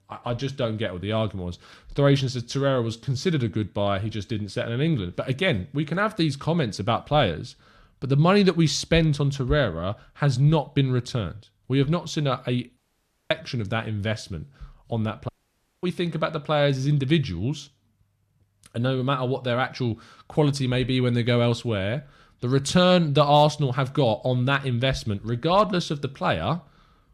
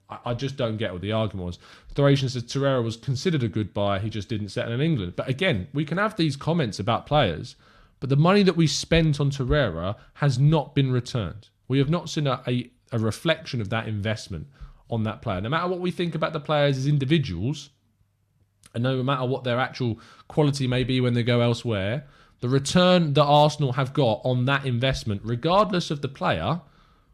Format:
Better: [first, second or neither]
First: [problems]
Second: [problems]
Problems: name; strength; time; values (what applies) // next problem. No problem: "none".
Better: second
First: audio cutting out; at 13 s for 0.5 s and at 15 s for 0.5 s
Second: none